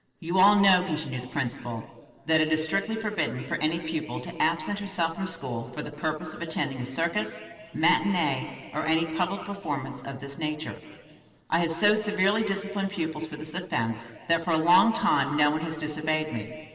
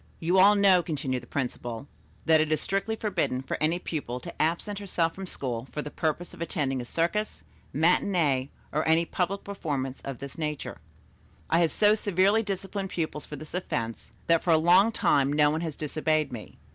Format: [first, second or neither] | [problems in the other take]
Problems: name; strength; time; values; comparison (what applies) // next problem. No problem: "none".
second | noise reduction (neural separator model SepFormer DNS4)